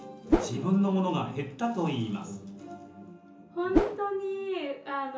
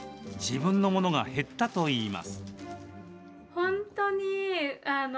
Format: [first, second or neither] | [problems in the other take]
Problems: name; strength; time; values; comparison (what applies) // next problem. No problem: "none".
second | background sound (Whoosh, swoosh, swish); 5 dB above the speech // room echo; dies away in 0.8 s